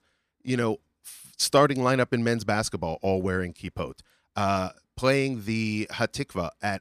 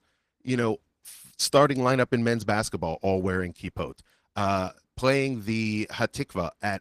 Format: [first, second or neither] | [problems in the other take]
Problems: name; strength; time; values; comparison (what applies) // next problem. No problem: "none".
first | garbled, watery; slightly; nothing above 14.5 kHz